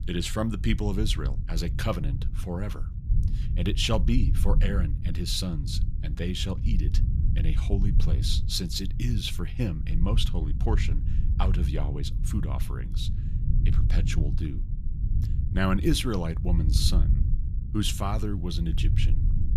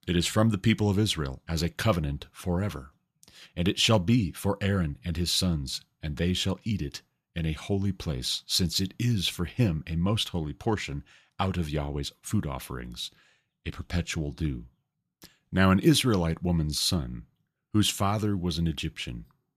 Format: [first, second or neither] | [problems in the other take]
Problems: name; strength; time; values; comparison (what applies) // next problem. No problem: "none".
second | low rumble; noticeable; throughout; 10 dB below the speech